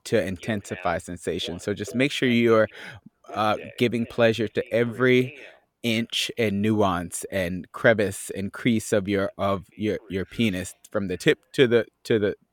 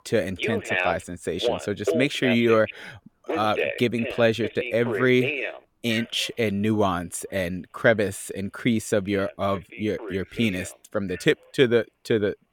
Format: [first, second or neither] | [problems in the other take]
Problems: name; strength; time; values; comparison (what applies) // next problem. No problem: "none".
first | alarms or sirens; loud; throughout; 5 dB below the speech; faint in the first